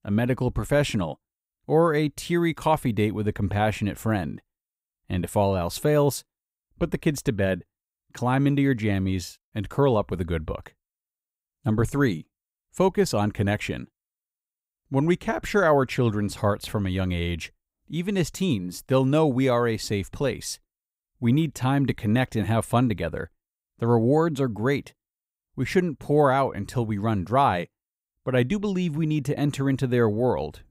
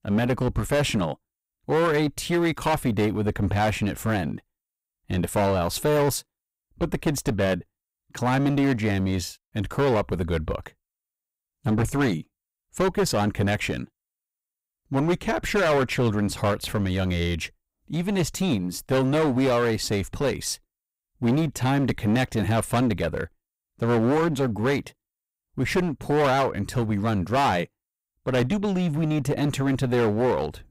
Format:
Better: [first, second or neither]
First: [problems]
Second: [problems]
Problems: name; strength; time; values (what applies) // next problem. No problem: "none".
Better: first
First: none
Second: distortion; heavy; 14% of the sound clipped